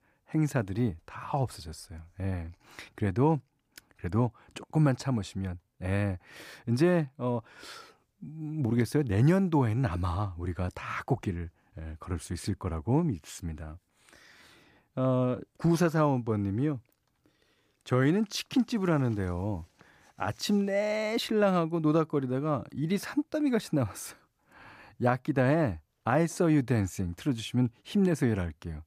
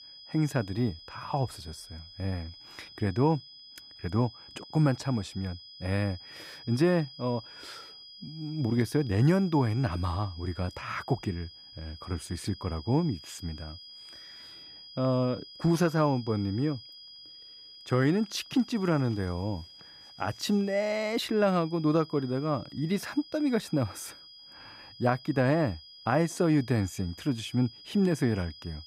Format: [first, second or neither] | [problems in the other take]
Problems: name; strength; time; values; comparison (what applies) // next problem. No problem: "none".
first | high-pitched whine; noticeable; throughout; 5 kHz, 15 dB below the speech